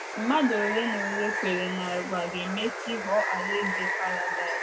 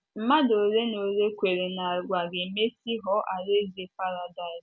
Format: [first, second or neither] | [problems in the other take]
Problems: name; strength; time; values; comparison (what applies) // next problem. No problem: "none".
second | background sound (Water); 2 dB below the speech // room echo; dies away in 0.4 s